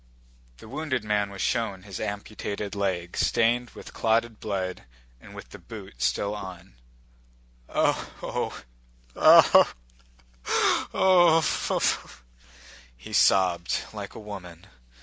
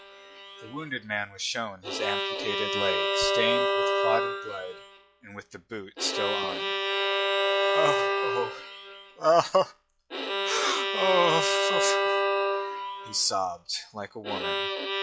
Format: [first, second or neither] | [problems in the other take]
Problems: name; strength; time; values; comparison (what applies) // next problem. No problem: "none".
first | noise reduction (classical method log-MMSE)